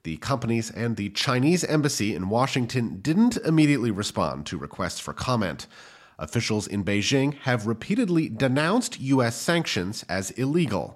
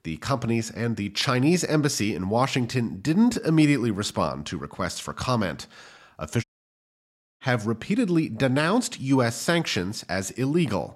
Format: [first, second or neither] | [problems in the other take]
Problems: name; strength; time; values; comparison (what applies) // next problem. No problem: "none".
first | audio cutting out; at 6.5 s for 1 s